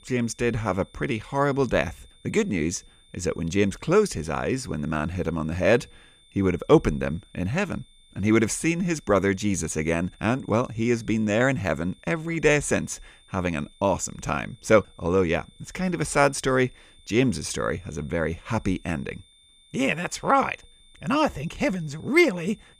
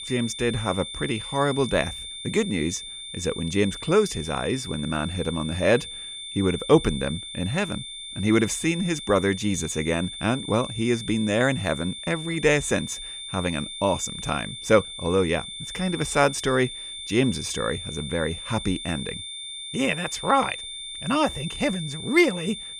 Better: first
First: high-pitched whine; faint; throughout; 3.5 kHz, 30 dB below the speech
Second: high-pitched whine; loud; throughout; 3.5 kHz, 9 dB below the speech

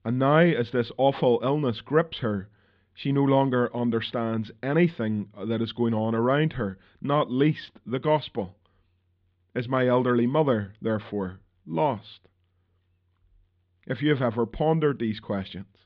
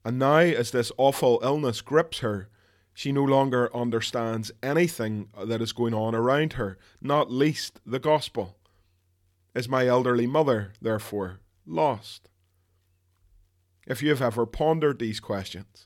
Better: second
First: muffled; slightly; fading above 3.5 kHz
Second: none

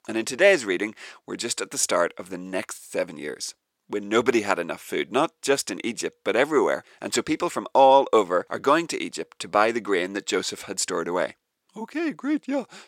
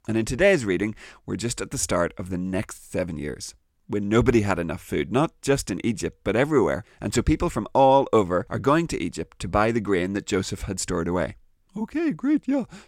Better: second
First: thin; somewhat; fading below 400 Hz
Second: none

